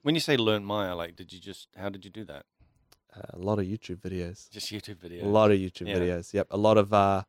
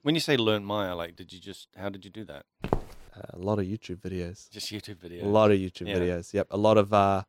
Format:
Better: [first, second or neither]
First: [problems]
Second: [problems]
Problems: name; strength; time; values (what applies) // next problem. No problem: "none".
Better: first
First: none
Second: footsteps; noticeable; at 2.5 s; peak 6 dB below the speech